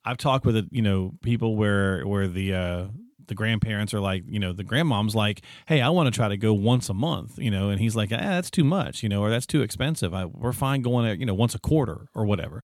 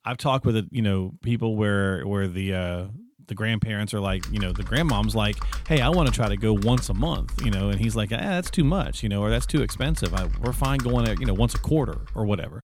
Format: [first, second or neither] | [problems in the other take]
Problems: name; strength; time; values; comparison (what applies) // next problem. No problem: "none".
first | keyboard typing; noticeable; from 4 s on; peak 5 dB below the speech